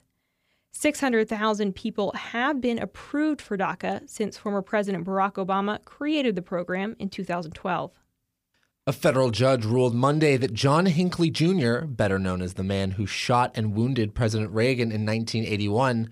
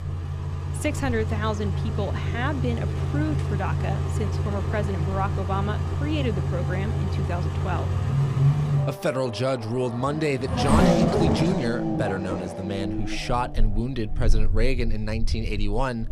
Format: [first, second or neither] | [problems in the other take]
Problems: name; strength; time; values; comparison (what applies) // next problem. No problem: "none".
first | traffic noise; very loud; throughout; 2 dB above the speech